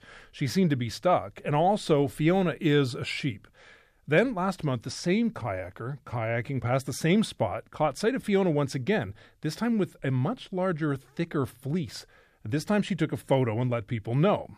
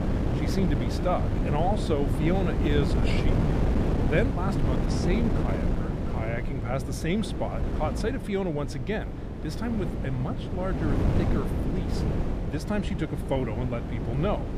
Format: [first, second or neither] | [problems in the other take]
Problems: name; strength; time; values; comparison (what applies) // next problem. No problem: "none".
first | wind noise on the microphone; heavy; 2 dB below the speech